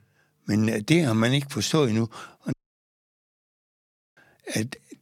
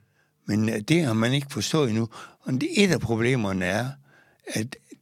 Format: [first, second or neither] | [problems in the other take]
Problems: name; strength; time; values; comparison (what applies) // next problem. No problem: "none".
second | audio cutting out; at 2.5 s for 1.5 s